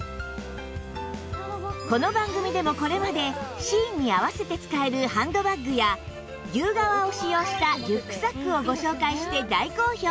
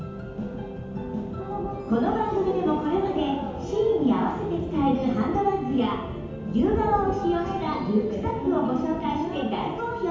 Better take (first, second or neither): first